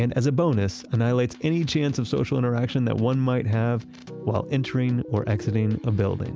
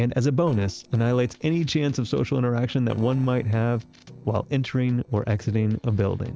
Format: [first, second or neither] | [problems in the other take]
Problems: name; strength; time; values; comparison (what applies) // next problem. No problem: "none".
first | noise reduction (neural separator model SepFormer DNS4)